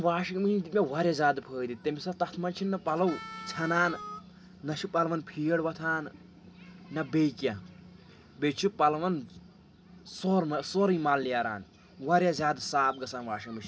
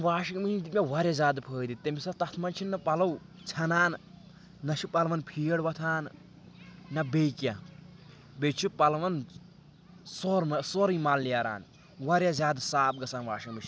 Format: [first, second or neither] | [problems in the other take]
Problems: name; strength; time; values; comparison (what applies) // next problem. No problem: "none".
second | background sound (Harmonica); 13 dB below the speech // room echo; dies away in 0.3 s